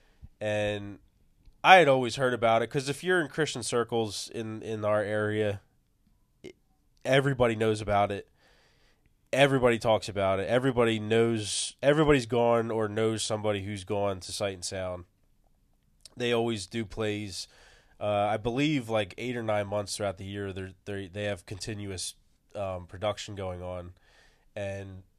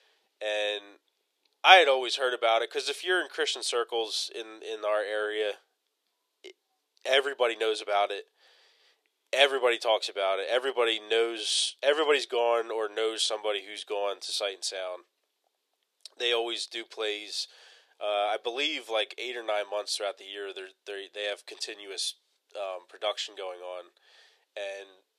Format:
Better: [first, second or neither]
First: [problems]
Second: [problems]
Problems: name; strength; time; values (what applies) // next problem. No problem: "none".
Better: first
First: none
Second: thin; very; fading below 400 Hz